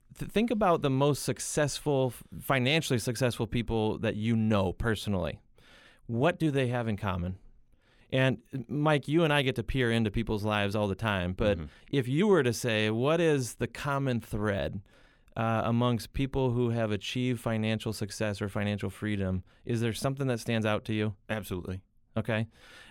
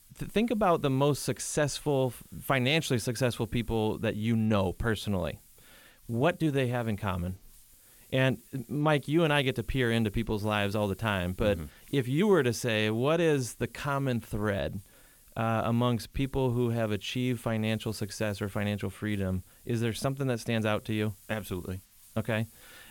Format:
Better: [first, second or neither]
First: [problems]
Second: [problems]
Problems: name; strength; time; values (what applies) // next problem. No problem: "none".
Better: first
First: none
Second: hiss; faint; throughout; 25 dB below the speech